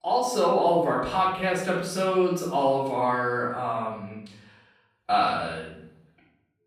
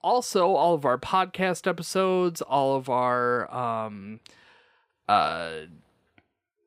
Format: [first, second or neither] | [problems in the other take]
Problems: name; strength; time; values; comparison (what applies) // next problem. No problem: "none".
second | room echo; noticeable; dies away in 0.6 s // off-mic speech; far